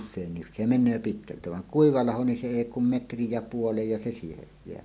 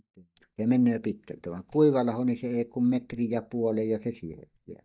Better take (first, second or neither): first